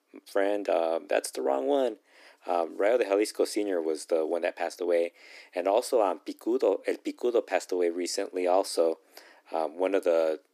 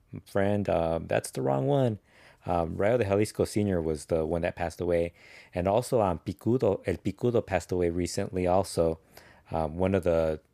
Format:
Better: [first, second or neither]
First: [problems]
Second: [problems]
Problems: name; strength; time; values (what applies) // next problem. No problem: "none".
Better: second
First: thin; somewhat; fading below 300 Hz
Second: none